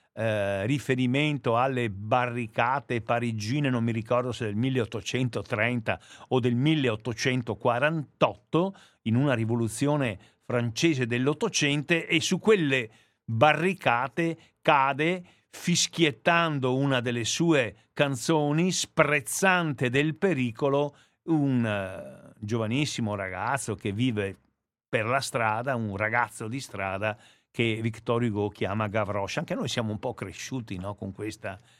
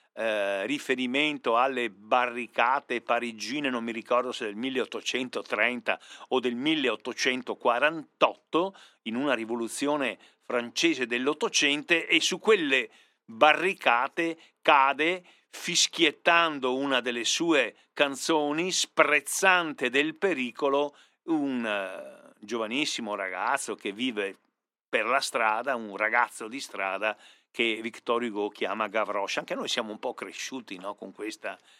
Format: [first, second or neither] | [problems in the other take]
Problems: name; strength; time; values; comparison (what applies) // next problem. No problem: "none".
first | thin; somewhat; fading below 250 Hz